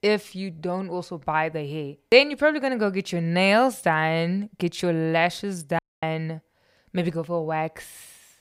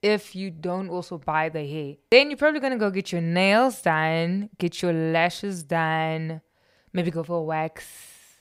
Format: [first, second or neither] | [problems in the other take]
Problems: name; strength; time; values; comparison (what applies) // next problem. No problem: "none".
second | audio cutting out; at 6 s